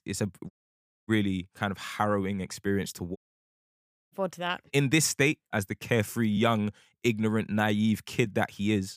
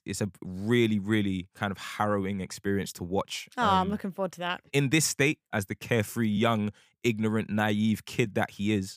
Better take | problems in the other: second | audio cutting out; at 0.5 s for 0.5 s and at 3 s for 1 s

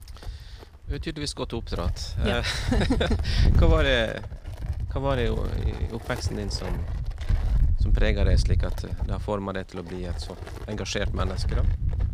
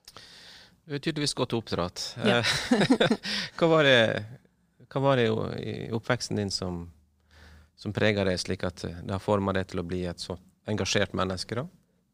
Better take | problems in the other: second | wind noise on the microphone; occasional gusts; 10 dB below the speech

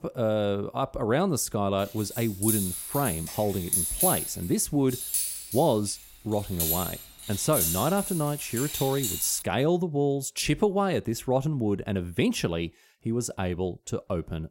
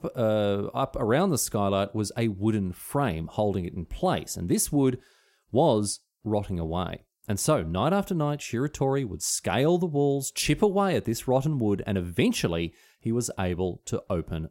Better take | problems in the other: second | jangling keys; loud; from 2 to 9.5 s; peak 5 dB above the speech

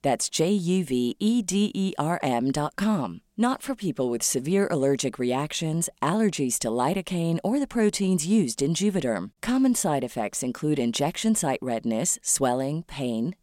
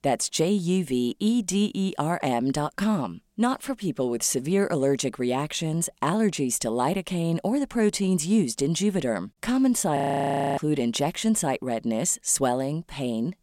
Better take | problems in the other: first | audio freezing; at 10 s for 0.5 s

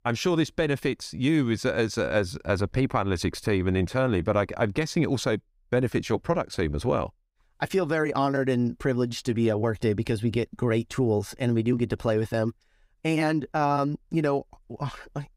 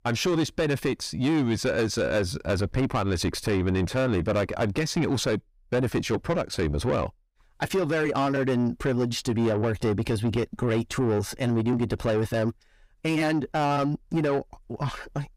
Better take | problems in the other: first | distortion; slight; 10 dB below the speech

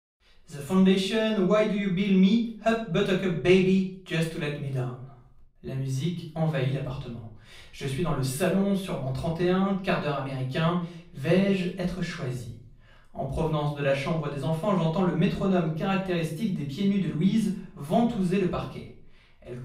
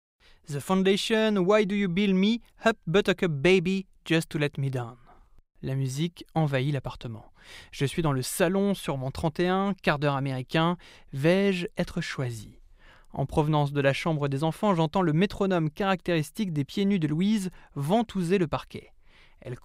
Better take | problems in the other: second | off-mic speech; far // room echo; slight; dies away in 0.4 s

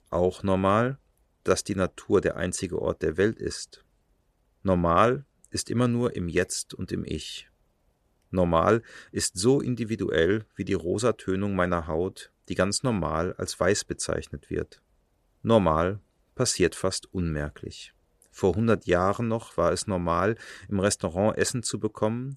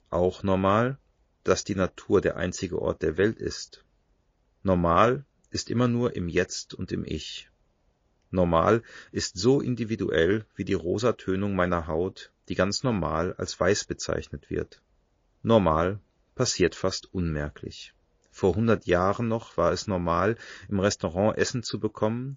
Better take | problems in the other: first | garbled, watery; slightly

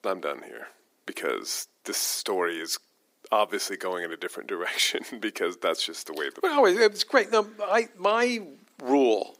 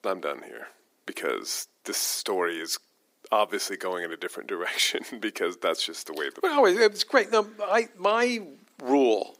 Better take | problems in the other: neither | thin; somewhat; fading below 300 Hz; the same in both

